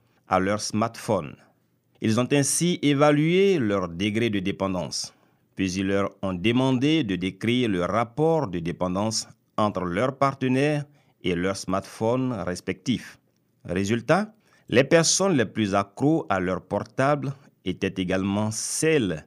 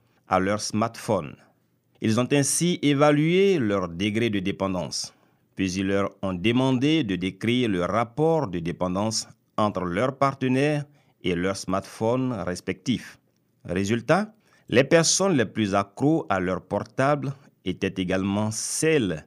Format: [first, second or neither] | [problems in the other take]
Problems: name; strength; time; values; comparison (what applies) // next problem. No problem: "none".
neither | none